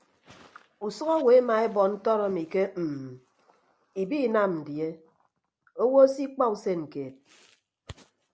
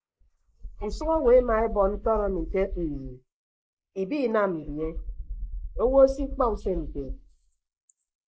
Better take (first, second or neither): first